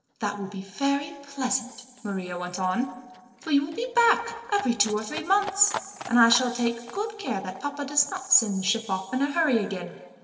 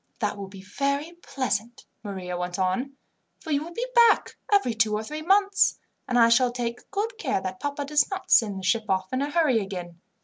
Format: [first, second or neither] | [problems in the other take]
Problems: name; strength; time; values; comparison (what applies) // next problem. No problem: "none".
second | noise reduction (neural separator model SepFormer DNS4)